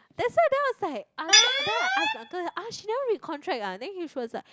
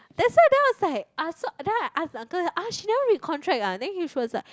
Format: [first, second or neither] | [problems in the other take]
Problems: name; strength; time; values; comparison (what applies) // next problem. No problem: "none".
second | background sound (Tools + Alarm); 2 dB above the speech